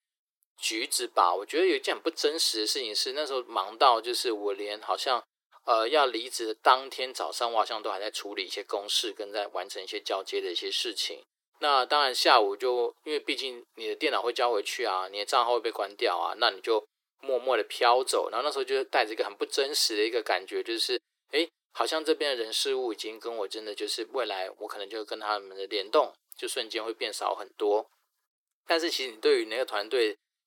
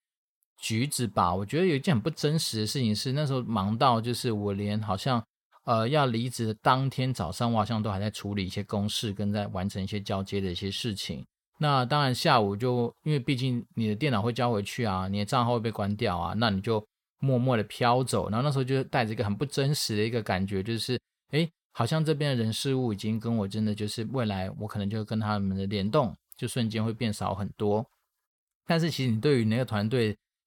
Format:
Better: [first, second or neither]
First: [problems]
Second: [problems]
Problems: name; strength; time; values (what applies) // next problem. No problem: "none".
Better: second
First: thin; very; fading below 300 Hz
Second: none